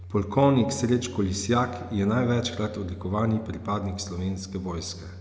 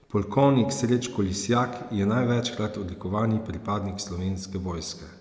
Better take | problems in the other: second | background sound (Domestic sounds, home sounds); 15 dB below the speech

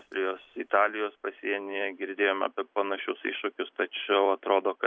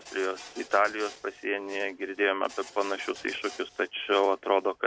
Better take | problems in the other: first | background sound (Printer); 19 dB below the speech

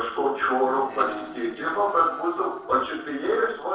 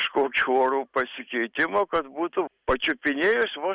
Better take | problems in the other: second | noise reduction (neural separator model SepFormer DNS4)

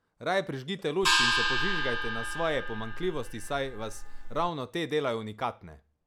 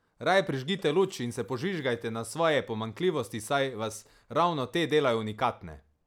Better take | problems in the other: second | background sound (Gong); 3 dB above the speech

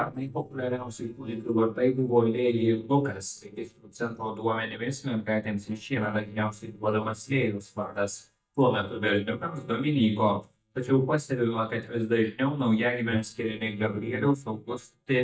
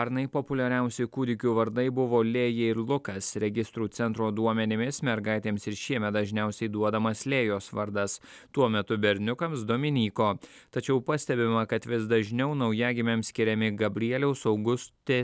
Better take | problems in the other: second | noise reduction (neural mask model DeepFilterNet 3)

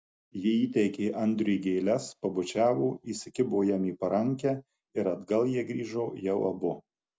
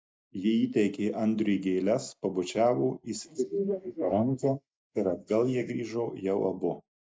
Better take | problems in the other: first | noise reduction (neural mask model Resemble Enhance denoiser)

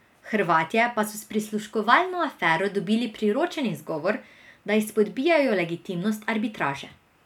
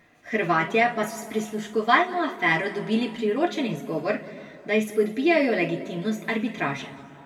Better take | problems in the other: first | room echo; dies away in 1.6 s

